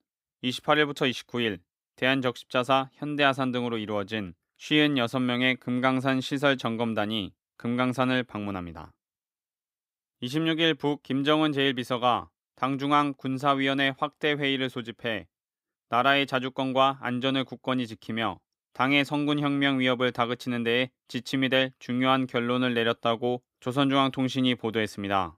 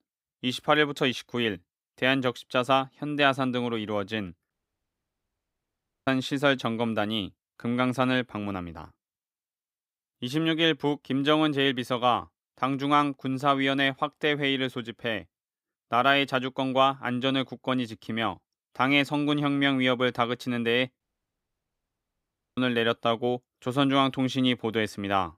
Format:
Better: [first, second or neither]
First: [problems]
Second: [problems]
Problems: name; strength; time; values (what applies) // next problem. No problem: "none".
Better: first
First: none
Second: audio cutting out; at 4.5 s for 1.5 s and at 21 s for 1.5 s